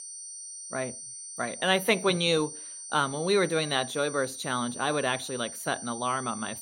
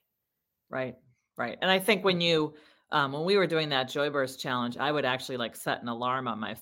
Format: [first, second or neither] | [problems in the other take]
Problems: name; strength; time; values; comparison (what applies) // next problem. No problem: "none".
second | high-pitched whine; noticeable; throughout; 9 kHz, 10 dB below the speech